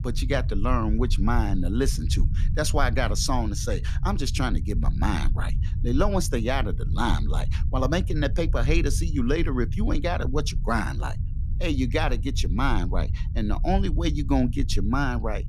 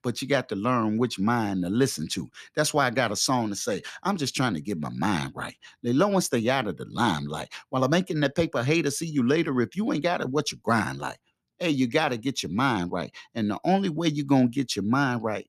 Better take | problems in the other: second | low rumble; noticeable; throughout; 15 dB below the speech

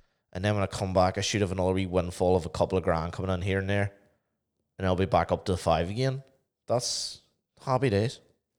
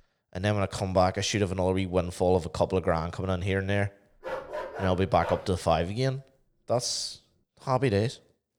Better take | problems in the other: first | dog barking; noticeable; from 4 to 5.5 s; peak 8 dB below the speech

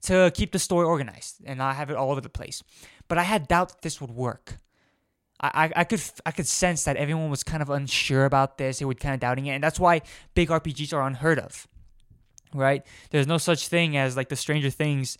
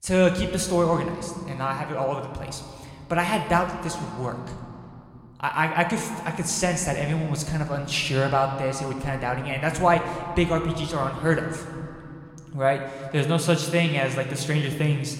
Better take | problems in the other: first | room echo; slight; dies away in 2.2 s

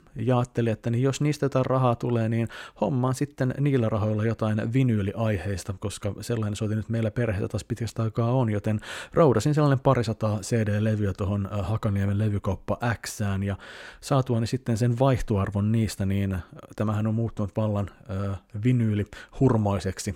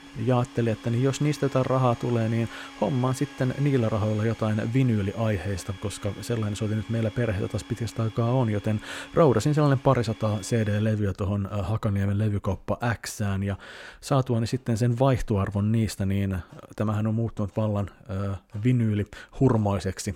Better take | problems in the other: first | household noises; noticeable; throughout; 20 dB below the speech

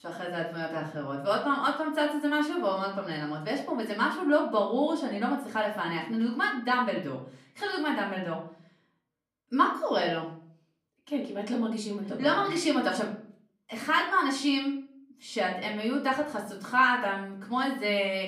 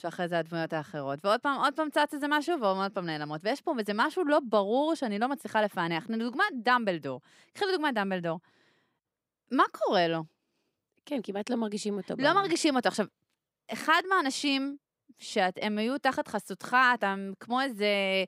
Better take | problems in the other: second | off-mic speech; far // room echo; slight; dies away in 0.4 s

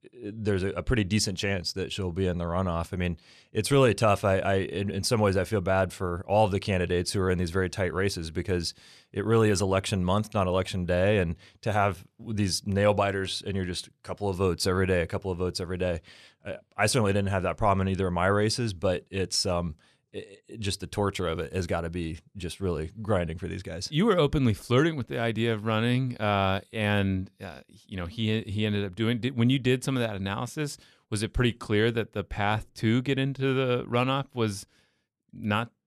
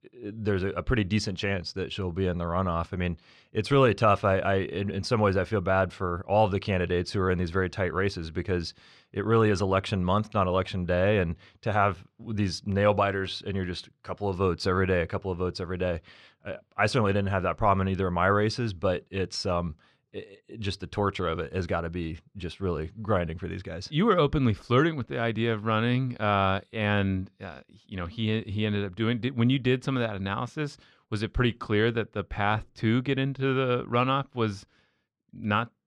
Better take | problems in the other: first | muffled; very slightly; fading above 4 kHz

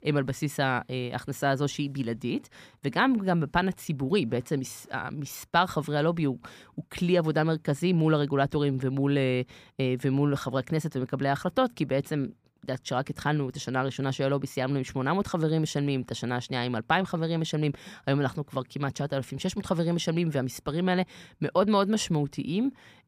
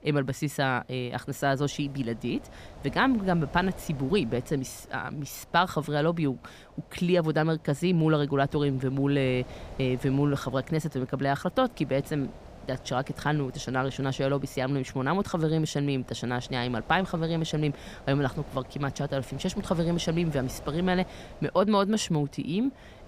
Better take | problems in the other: first | wind noise on the microphone; occasional gusts; 20 dB below the speech

